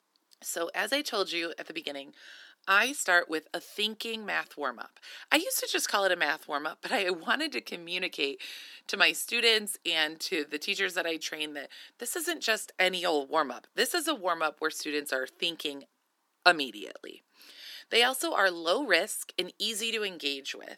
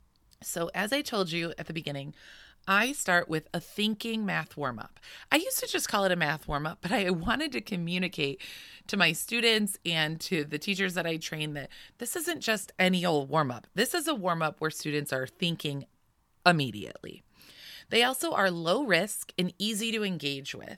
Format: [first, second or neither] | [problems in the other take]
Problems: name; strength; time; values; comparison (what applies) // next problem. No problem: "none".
second | thin; somewhat; fading below 250 Hz